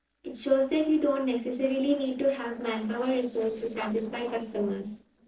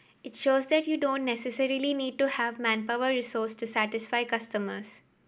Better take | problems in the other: second | noise reduction (neural separator model SepFormer DNS4)

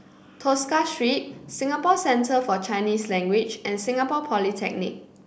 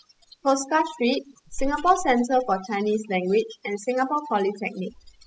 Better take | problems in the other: first | noise reduction (classical method spectral subtraction)

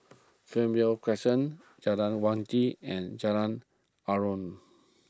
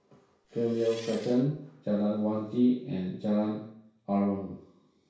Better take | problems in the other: first | background sound (Engine); 19 dB below the speech // room echo; dies away in 0.6 s

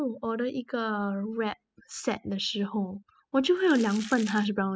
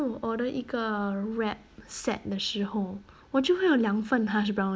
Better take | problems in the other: second | noise reduction (classical method spectral subtraction)

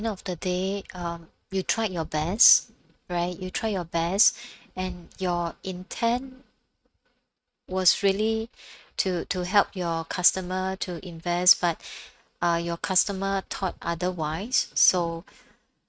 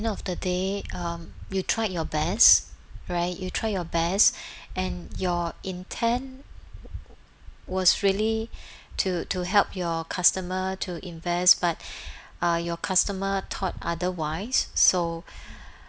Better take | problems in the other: second | noise reduction (neural mask model RNNoise)

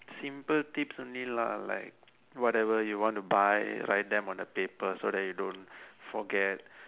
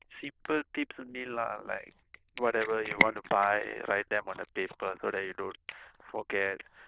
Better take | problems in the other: first | noise reduction (neural diffusion model UNIVERSE++)

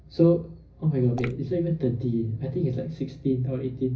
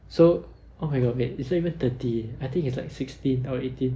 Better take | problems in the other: second | background sound (Drip / Water); 13 dB below the speech // room echo; dies away in 0.4 s

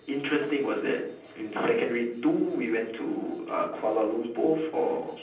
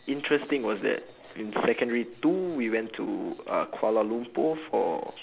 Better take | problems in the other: second | room echo; dies away in 0.6 s

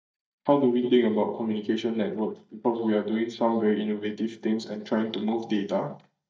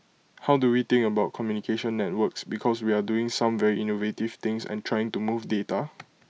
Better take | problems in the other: second | noise reduction (neural mask model DeepFilterNet 3)

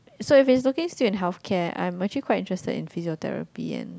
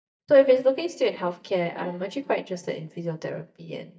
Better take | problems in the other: first | noise reduction (neural mask model DeepFilterNet 3)

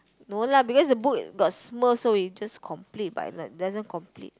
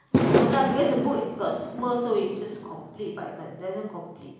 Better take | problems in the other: first | background sound (Fireworks); 2 dB above the speech // room echo; dies away in 1 s

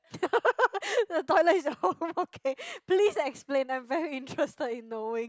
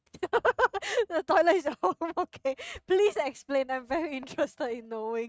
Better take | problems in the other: first | noise reduction (neural mask model RNNoise)

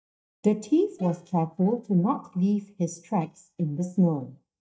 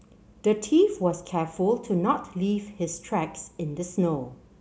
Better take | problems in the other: second | noise reduction (neural mask model DeepFilterNet 3)

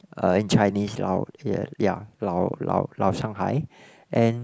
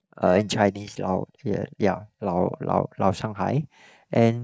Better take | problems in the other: first | noise reduction (neural mask model DeepFilterNet 3)

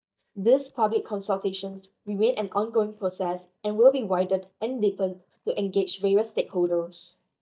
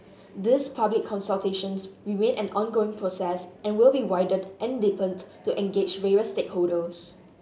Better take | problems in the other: second | noise reduction (neural mask model DeepFilterNet 3)

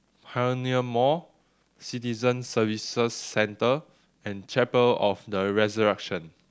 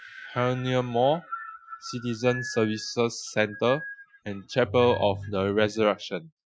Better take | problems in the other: first | noise reduction (classical method Wiener filter)

